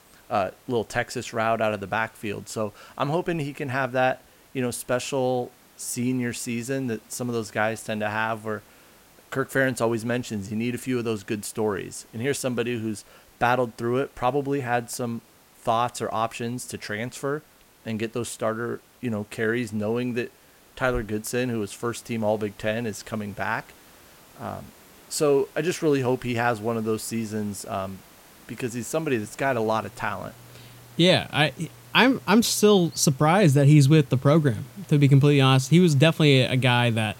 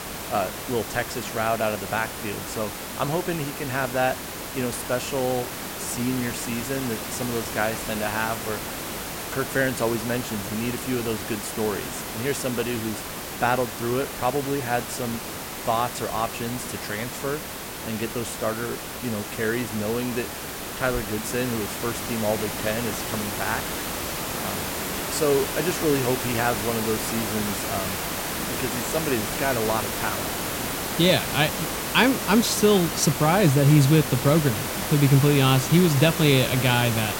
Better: first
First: hiss; faint; throughout; 25 dB below the speech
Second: hiss; loud; throughout; 4 dB below the speech

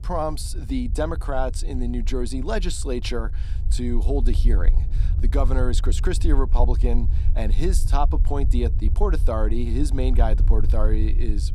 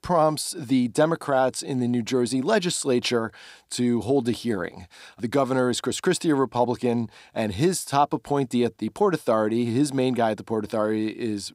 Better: second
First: low rumble; noticeable; throughout; 15 dB below the speech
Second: none

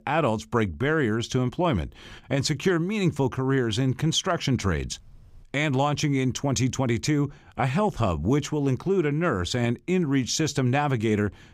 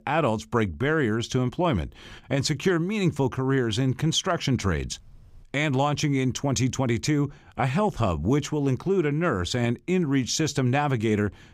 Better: neither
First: none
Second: none

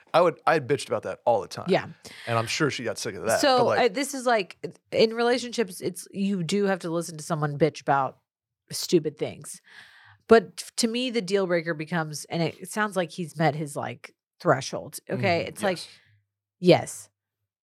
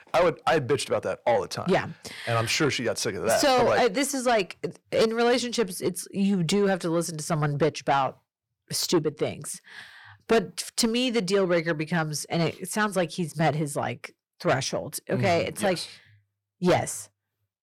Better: first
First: none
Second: distortion; heavy; 8 dB below the speech

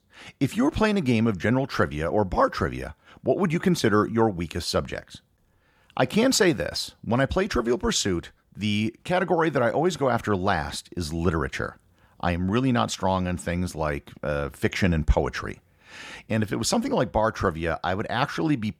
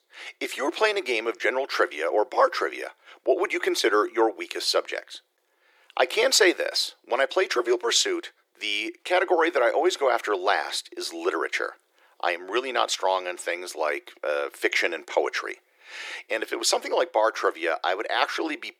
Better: first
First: none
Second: thin; very; fading below 350 Hz

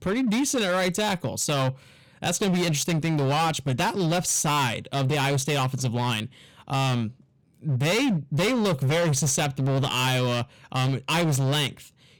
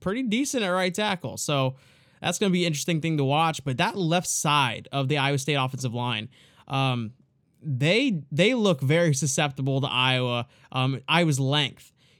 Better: second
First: distortion; heavy; 22% of the sound clipped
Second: none

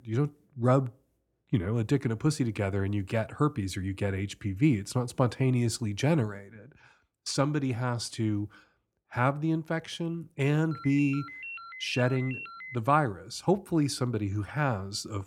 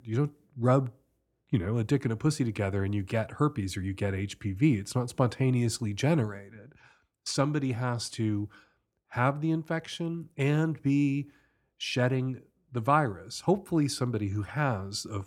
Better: second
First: phone ringing; noticeable; from 11 to 13 s; peak 10 dB below the speech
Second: none

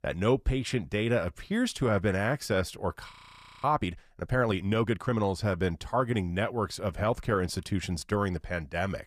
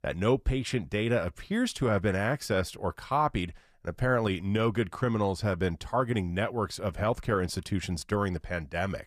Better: second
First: audio freezing; at 3 s for 0.5 s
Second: none

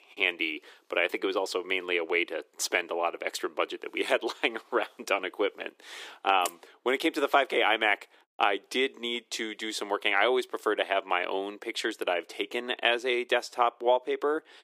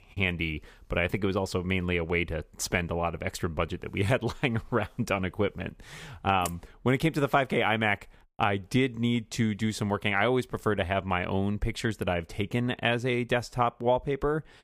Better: second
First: thin; very; fading below 300 Hz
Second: none

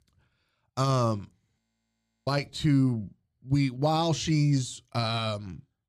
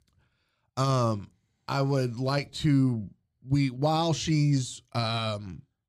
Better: second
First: audio freezing; at 1.5 s for 0.5 s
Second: none

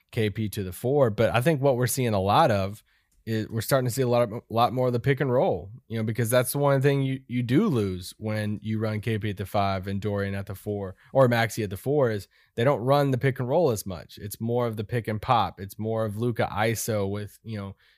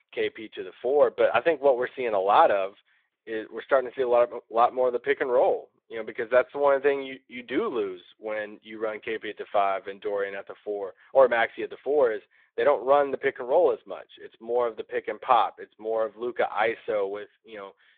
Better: first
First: none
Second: phone-call audio; nothing above 3.5 kHz

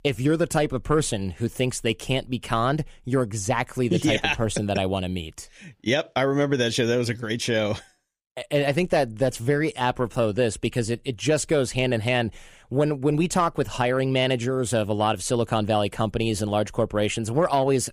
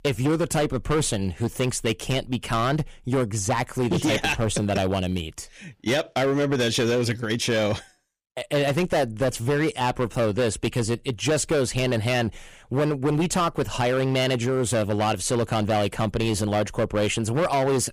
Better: first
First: none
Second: distortion; slight; 14% of the sound clipped

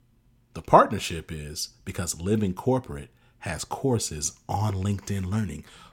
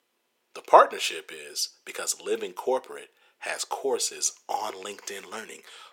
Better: first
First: none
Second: thin; very; fading below 450 Hz

